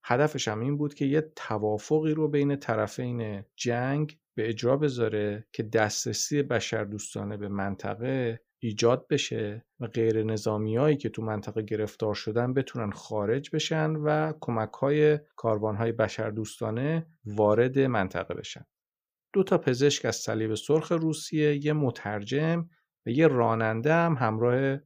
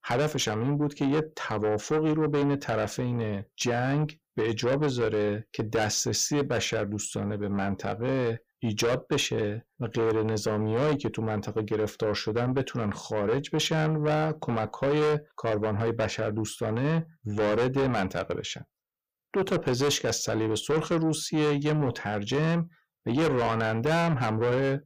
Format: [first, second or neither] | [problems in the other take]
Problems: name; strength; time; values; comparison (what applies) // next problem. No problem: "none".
first | distortion; heavy; 7 dB below the speech